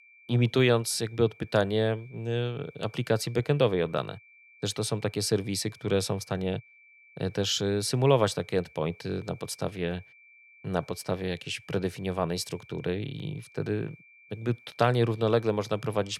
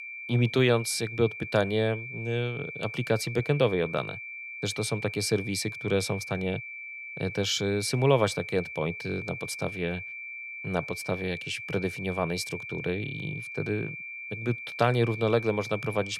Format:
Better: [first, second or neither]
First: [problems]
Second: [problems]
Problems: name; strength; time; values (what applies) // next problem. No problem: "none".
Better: first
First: high-pitched whine; faint; throughout; 2.5 kHz, 25 dB below the speech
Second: high-pitched whine; loud; throughout; 2.5 kHz, 8 dB below the speech